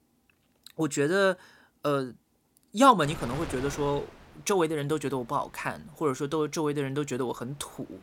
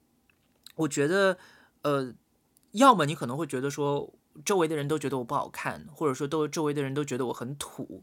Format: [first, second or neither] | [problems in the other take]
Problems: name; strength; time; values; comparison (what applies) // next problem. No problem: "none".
second | wind noise on the microphone; occasional gusts; from 3 s on; 15 dB below the speech